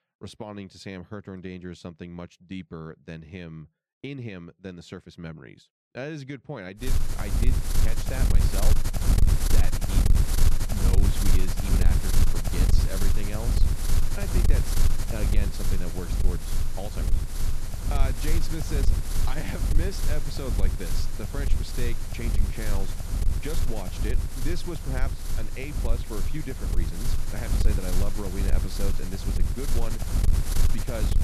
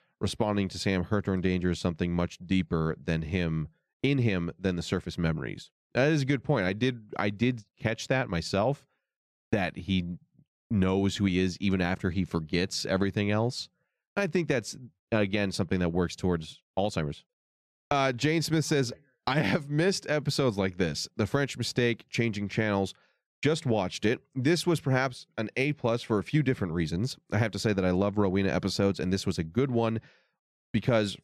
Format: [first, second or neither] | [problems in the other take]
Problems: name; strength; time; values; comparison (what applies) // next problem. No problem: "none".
second | wind noise on the microphone; heavy; from 7 s on; 1 dB above the speech